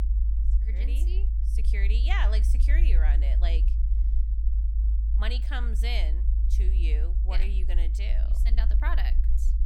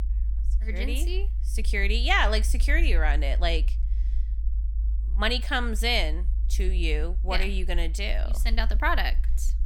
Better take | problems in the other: second | low rumble; loud; throughout; 10 dB below the speech; faint in the second

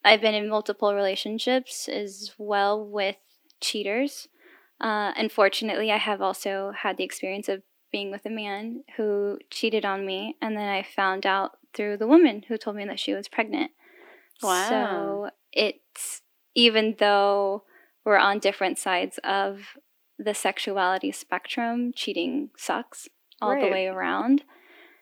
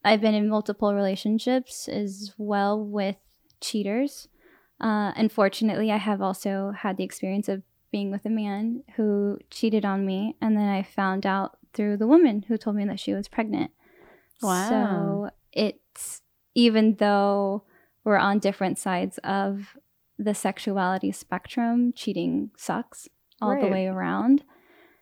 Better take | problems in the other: second | thin; somewhat; fading below 300 Hz

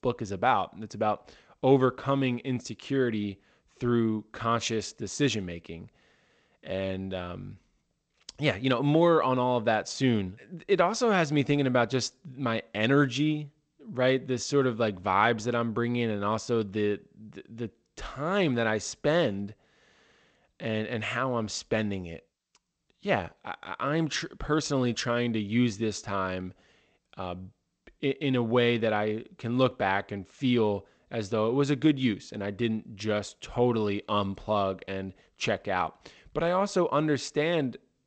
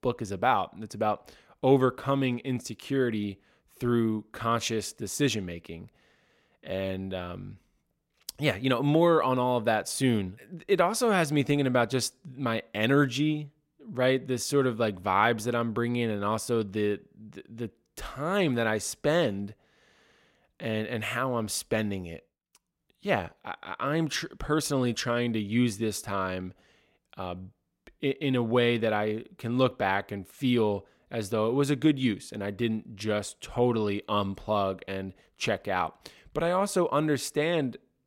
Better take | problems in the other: second | garbled, watery; slightly; nothing above 8 kHz

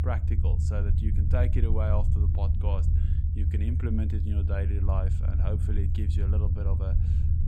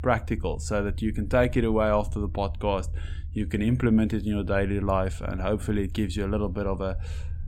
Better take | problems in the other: second | low rumble; loud; throughout; 3 dB below the speech; faint in the second

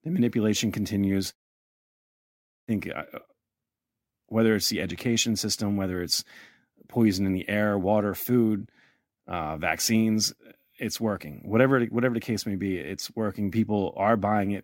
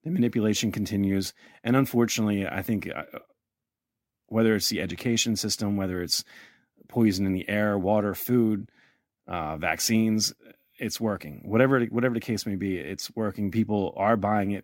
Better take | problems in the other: second | audio cutting out; at 1.5 s for 1.5 s

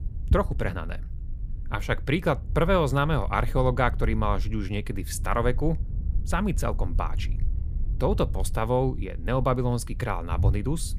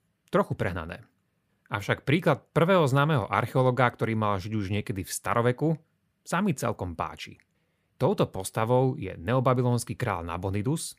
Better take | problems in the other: second | low rumble; faint; throughout; 20 dB below the speech

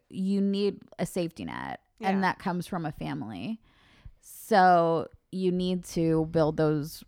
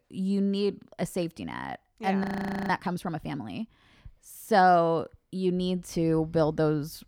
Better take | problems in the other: first | audio freezing; at 2 s

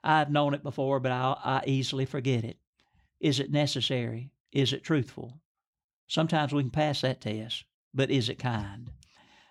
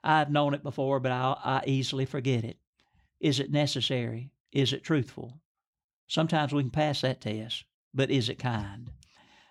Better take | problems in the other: neither | none

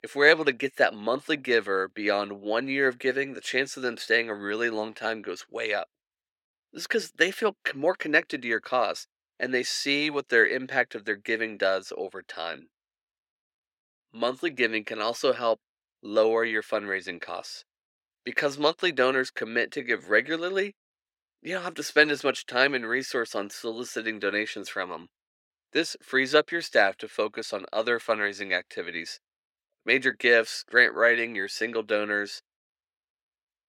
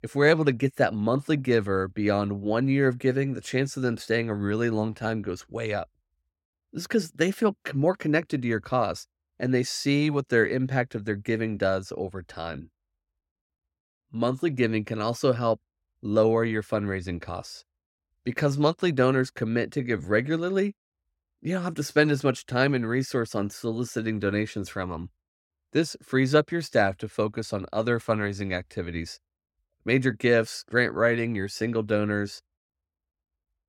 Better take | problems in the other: second | thin; somewhat; fading below 450 Hz

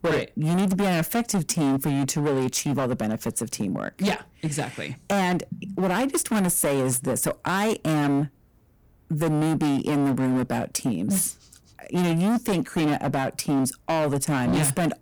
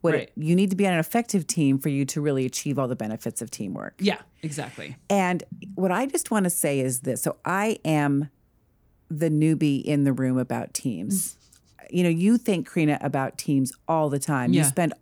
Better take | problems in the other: second | distortion; heavy; 22% of the sound clipped

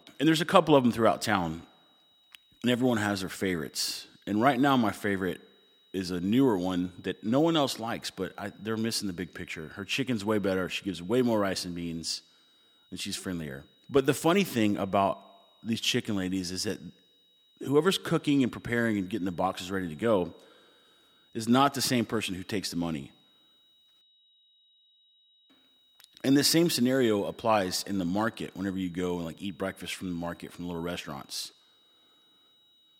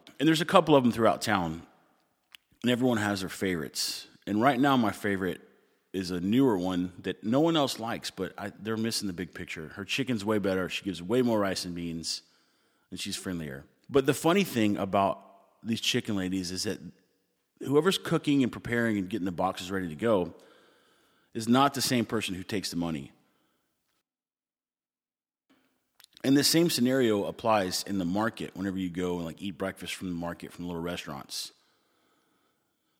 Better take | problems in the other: second | high-pitched whine; faint; throughout; 4 kHz, 35 dB below the speech

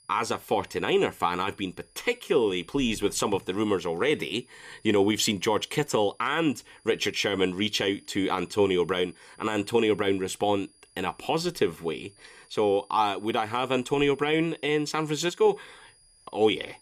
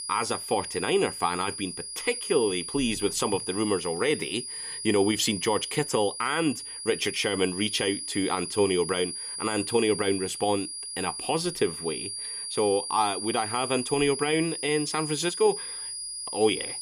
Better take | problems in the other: first | high-pitched whine; loud; throughout; 5 kHz, 6 dB below the speech; faint in the first

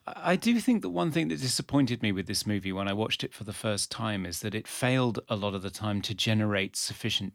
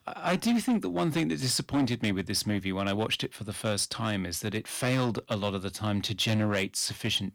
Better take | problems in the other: first | distortion; slight; 7% of the sound clipped

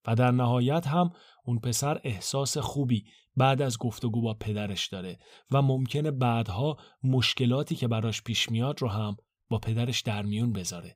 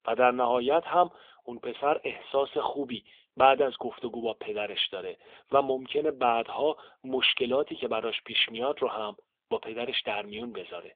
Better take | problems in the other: first | phone-call audio; nothing above 3.5 kHz

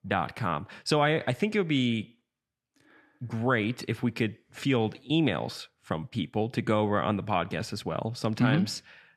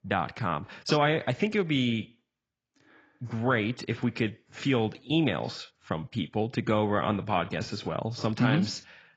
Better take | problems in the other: first | garbled, watery; badly; nothing above 7.5 kHz

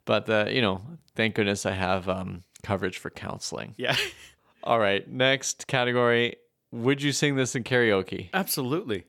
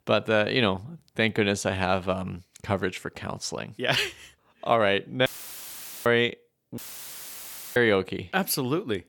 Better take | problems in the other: first | audio cutting out; filled with static; at 5.5 s for 1 s and at 7 s for 1 s

